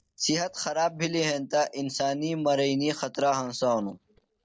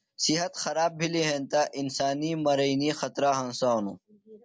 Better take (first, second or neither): second